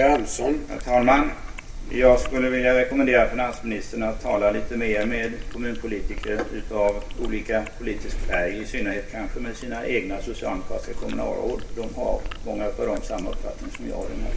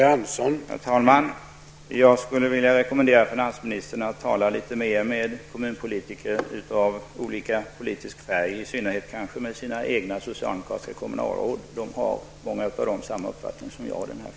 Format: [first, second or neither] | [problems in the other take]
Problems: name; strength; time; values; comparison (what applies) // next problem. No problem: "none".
second | background sound (Chewing, mastication); 5 dB below the speech // room echo; dies away in 0.2 s